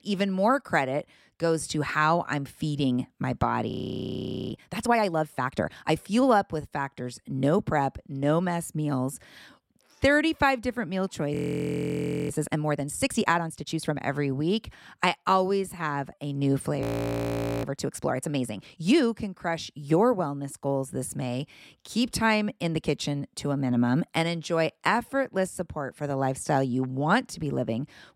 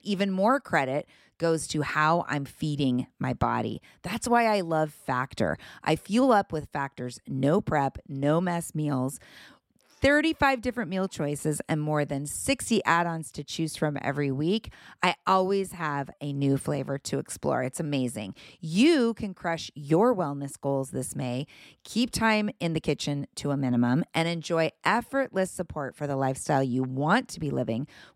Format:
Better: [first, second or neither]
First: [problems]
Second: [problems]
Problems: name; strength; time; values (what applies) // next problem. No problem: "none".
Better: second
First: audio freezing; at 3.5 s for 1 s, at 11 s for 1 s and at 17 s for 1 s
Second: none